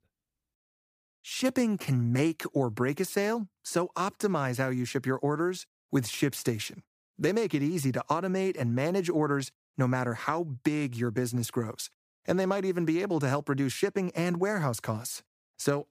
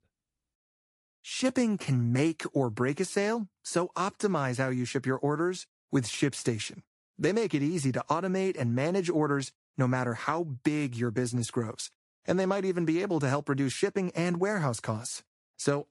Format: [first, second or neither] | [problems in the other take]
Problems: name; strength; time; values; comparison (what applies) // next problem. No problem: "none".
first | garbled, watery; slightly; nothing above 11 kHz